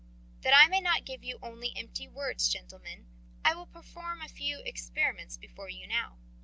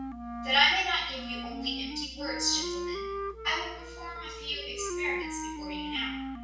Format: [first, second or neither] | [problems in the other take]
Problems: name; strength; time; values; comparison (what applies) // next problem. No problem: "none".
first | background sound (Wind instrument, woodwind instrument); 6 dB below the speech // room echo; dies away in 0.6 s